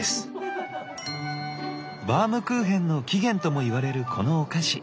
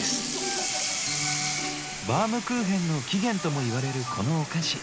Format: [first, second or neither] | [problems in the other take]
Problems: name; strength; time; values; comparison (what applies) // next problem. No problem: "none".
first | background sound (Sink (filling or washing) / Water tap, faucet); 4 dB below the speech